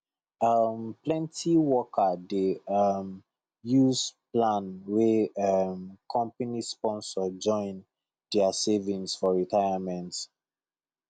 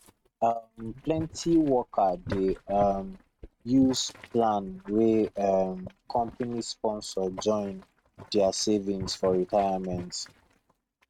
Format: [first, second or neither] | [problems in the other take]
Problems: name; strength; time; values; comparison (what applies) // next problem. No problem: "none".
first | noise reduction (neural mask model RNNoise)